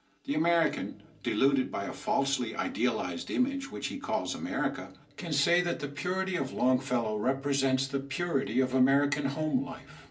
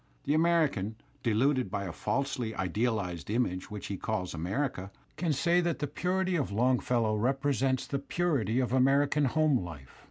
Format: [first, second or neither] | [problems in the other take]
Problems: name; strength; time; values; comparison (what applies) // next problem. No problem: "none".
second | room echo; dies away in 0.3 s